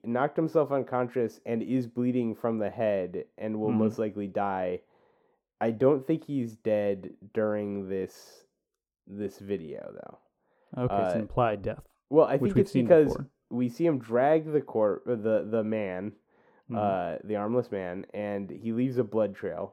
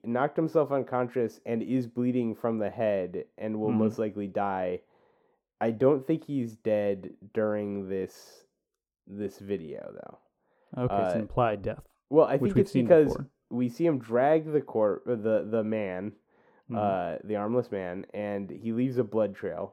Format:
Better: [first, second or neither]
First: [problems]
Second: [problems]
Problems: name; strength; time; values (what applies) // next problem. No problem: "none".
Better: neither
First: muffled; very; fading above 1.5 kHz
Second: muffled; very; fading above 1.5 kHz